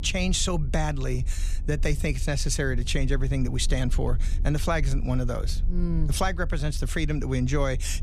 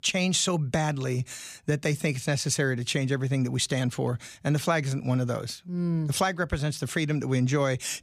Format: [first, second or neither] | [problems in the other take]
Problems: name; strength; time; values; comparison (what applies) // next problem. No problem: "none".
second | low rumble; faint; throughout; 20 dB below the speech